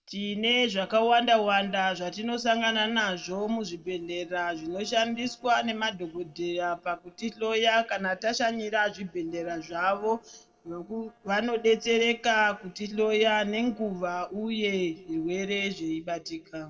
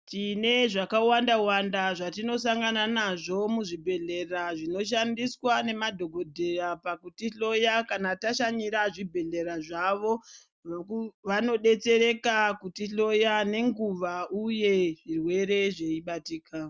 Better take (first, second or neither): second